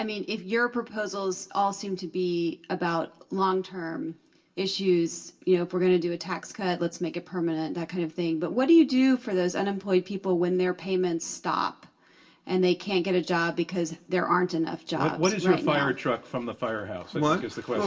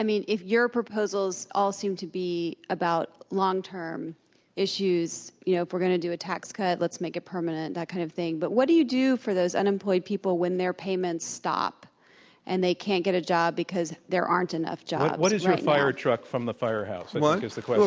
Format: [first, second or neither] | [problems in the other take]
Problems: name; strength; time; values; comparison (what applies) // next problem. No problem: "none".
second | room echo; dies away in 0.2 s